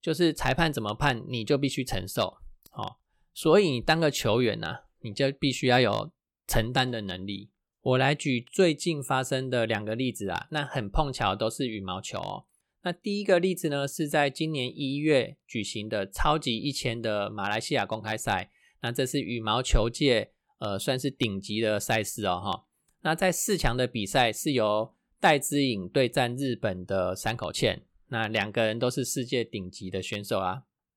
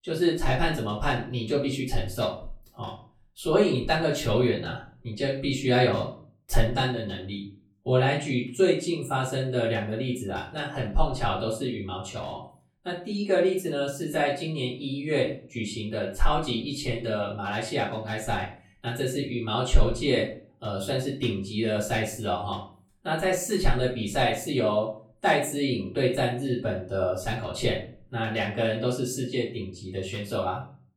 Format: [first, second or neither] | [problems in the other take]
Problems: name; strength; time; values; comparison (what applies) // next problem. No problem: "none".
first | off-mic speech; far // room echo; slight; dies away in 0.4 s